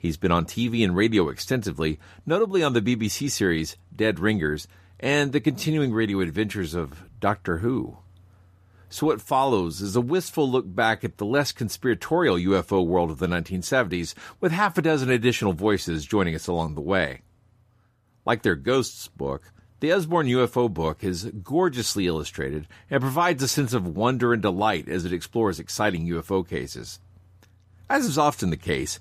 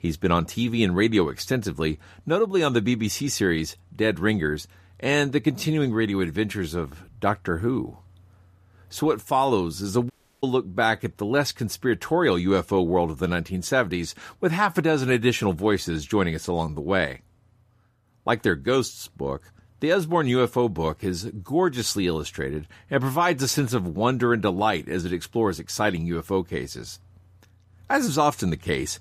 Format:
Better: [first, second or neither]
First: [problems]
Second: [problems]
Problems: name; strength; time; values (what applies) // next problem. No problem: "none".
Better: first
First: none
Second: audio cutting out; at 10 s